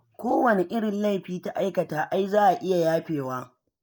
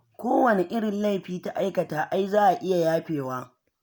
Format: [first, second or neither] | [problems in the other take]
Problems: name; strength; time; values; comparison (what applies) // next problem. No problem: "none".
second | noise reduction (neural mask model Resemble Enhance denoiser)